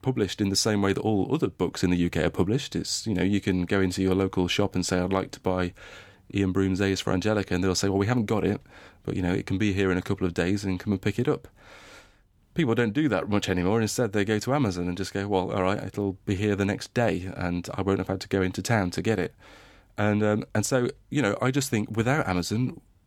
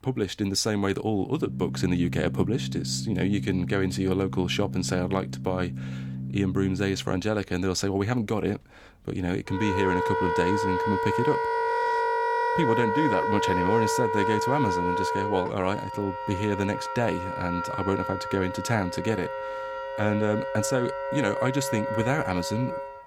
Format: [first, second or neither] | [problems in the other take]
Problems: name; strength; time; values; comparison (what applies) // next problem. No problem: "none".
first | background music; loud; throughout; 2 dB below the speech